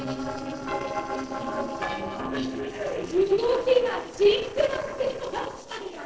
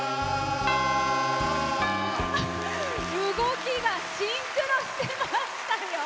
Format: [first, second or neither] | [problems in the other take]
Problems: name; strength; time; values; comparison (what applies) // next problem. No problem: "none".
second | noise reduction (neural separator model SepFormer DNS4)